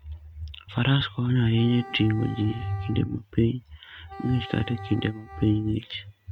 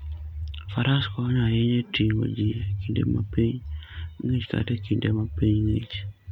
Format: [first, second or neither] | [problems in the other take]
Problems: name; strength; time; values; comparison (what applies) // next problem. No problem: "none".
second | noise reduction (neural mask model RNNoise)